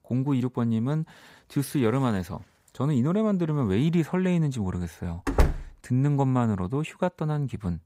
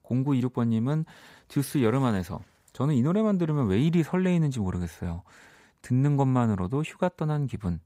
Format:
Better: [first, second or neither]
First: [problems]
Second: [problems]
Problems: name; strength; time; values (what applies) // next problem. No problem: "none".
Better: second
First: door banging; loud; at 5.5 s; peak 1 dB above the speech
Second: none